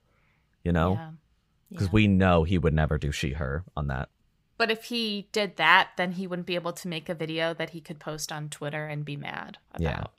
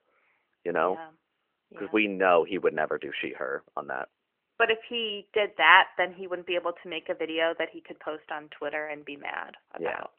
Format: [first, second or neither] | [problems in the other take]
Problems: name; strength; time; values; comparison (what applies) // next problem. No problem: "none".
first | phone-call audio; nothing above 3 kHz